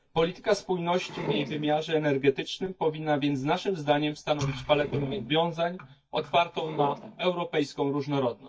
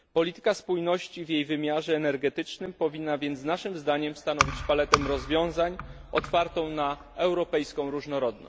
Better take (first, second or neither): second